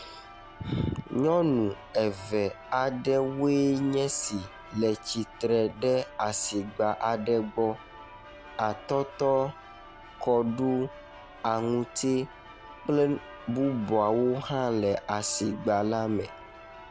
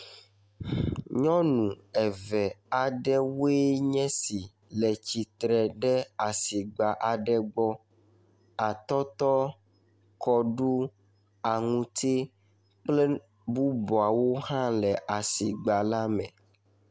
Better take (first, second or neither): second